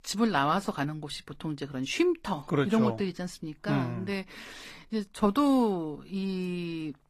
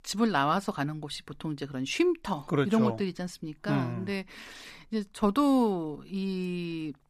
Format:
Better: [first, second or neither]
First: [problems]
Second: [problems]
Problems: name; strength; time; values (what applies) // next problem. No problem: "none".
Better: second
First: garbled, watery; slightly; nothing above 14.5 kHz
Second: none